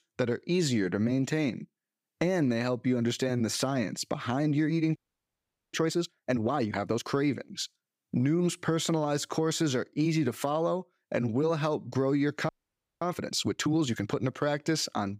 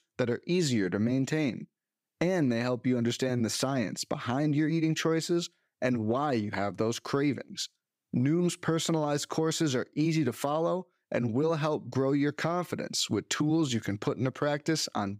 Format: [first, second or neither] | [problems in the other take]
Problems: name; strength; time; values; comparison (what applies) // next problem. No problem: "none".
second | audio freezing; at 5 s for 1 s and at 12 s for 0.5 s